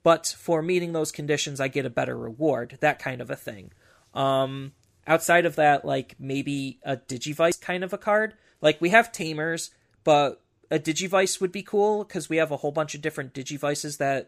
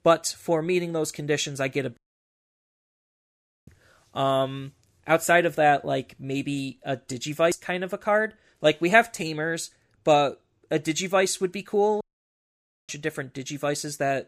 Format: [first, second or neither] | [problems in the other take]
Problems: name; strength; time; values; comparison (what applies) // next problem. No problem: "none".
first | audio cutting out; at 2 s for 1.5 s and at 12 s for 1 s